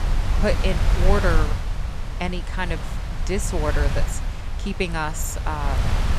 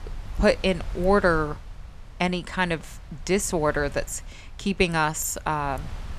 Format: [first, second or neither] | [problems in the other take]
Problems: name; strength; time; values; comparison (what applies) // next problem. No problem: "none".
second | wind noise on the microphone; heavy; 6 dB below the speech; occasional gusts in the second